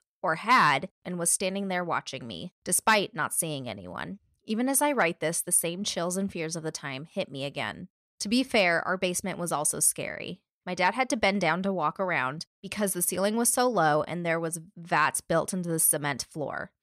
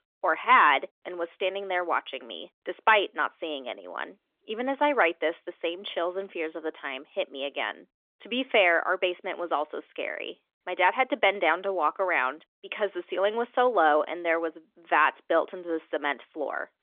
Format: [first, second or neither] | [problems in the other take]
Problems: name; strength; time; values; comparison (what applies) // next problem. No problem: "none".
first | phone-call audio; nothing above 3.5 kHz